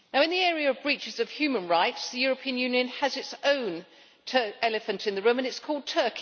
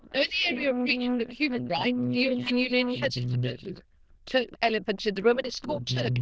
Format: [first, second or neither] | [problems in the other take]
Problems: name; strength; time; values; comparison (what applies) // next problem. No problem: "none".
first | noise reduction (neural diffusion model UNIVERSE++)